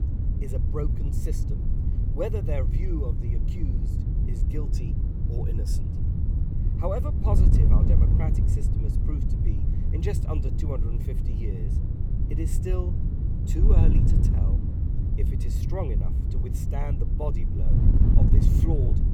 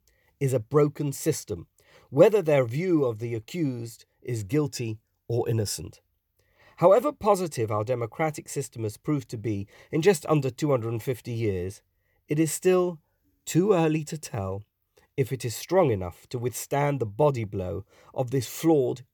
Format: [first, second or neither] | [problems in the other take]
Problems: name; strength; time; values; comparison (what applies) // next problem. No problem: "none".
second | wind noise on the microphone; heavy; 1 dB below the speech